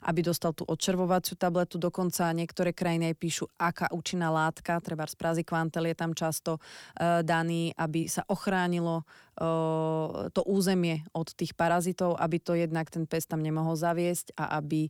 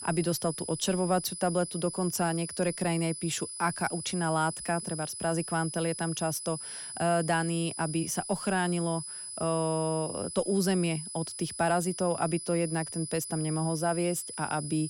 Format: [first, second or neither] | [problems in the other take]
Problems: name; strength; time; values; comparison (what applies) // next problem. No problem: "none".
first | high-pitched whine; loud; throughout; 10 kHz, 7 dB below the speech